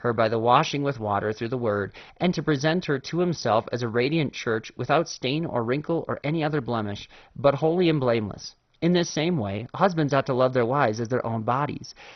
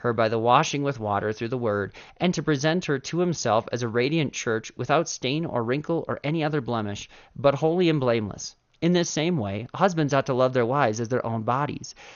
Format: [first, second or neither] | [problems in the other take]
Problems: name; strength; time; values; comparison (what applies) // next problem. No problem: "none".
second | garbled, watery; badly; nothing above 6 kHz; slightly in the second